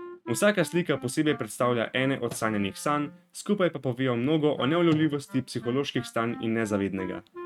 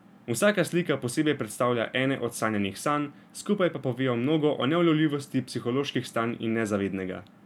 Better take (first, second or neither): second